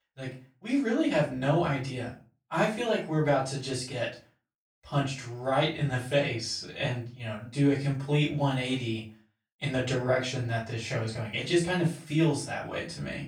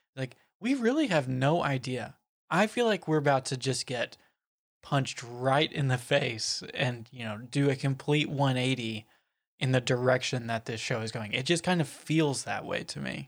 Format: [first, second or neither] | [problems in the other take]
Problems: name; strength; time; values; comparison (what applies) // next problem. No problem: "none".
second | off-mic speech; far // room echo; slight; dies away in 0.3 s